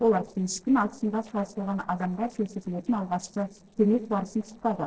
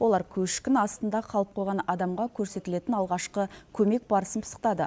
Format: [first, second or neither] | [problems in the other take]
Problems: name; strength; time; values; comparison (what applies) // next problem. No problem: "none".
second | noise reduction (neural separator model SepFormer DNS4)